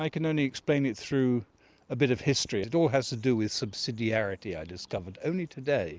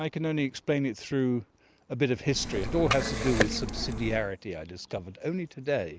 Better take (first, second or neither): first